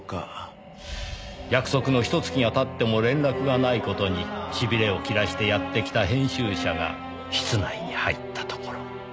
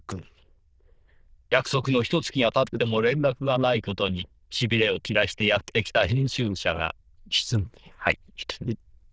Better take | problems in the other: first | noise reduction (neural diffusion model UNIVERSE++)

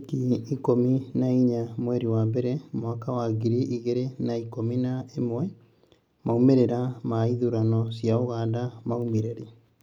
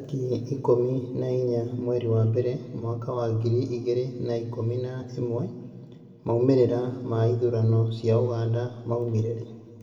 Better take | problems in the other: first | room echo; dies away in 1.8 s

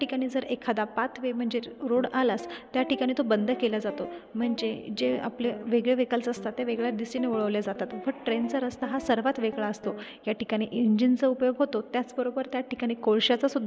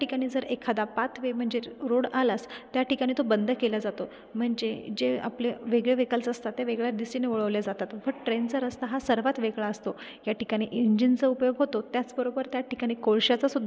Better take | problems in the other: second | background sound (Guitar); 14 dB below the speech

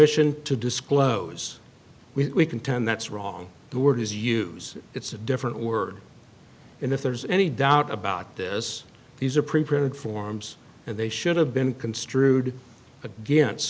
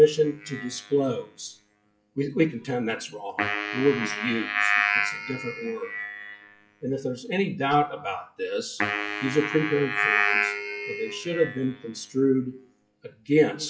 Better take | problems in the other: first | noise reduction (classical method WPE with log-MMSE)

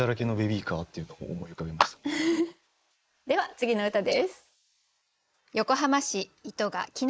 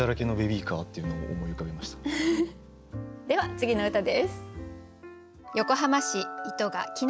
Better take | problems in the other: second | noise reduction (neural mask model Resemble Enhance denoiser)

